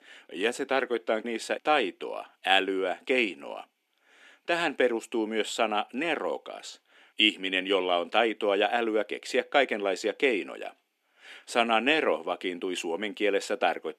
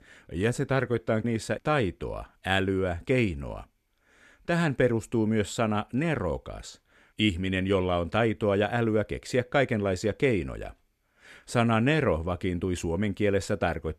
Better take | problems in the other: second | thin; somewhat; fading below 250 Hz

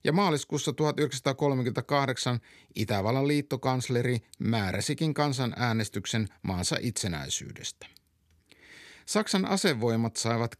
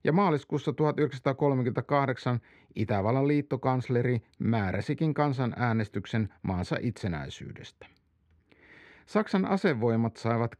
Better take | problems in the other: first | muffled; very; fading above 4 kHz

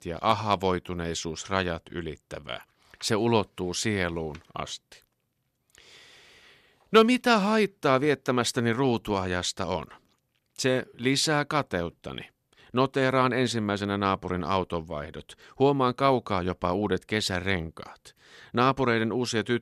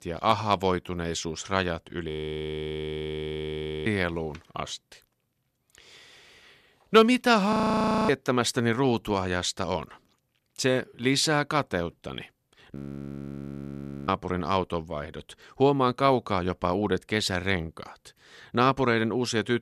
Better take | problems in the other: first | audio freezing; at 2 s for 2 s, at 7.5 s for 0.5 s and at 13 s for 1.5 s

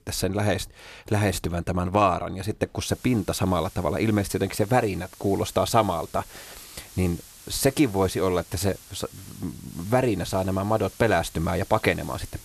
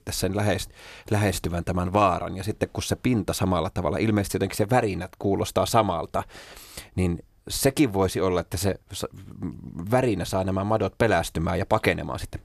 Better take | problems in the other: second | hiss; faint; from 3 s on; 20 dB below the speech

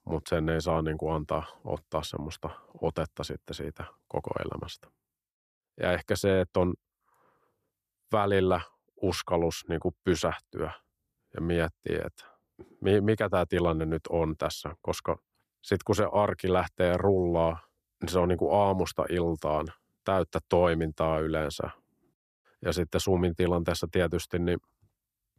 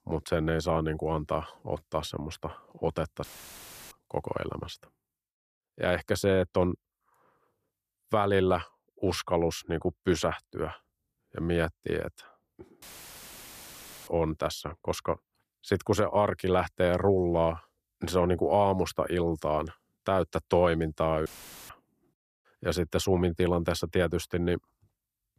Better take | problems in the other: first | audio cutting out; filled with static; at 3 s for 0.5 s, at 13 s for 1.5 s and at 21 s

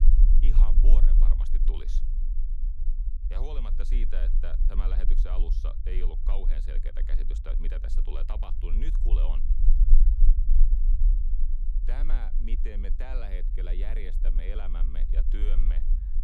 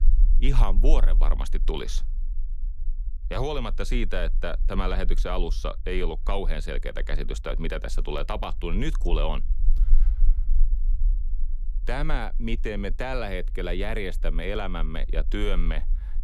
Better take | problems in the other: second | low rumble; loud; throughout; 7 dB below the speech; faint in the second

